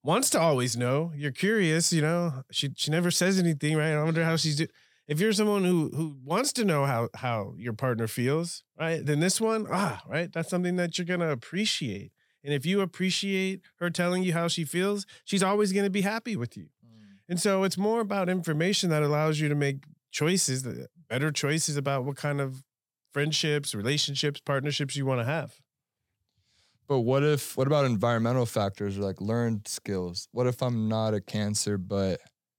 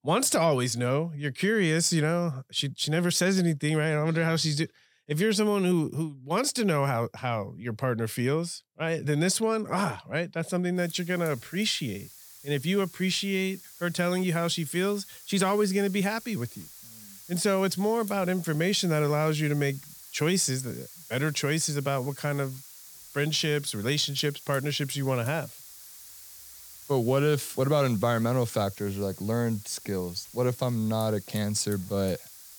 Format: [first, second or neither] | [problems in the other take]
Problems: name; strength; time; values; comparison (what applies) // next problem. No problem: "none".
first | hiss; noticeable; from 11 s on; 15 dB below the speech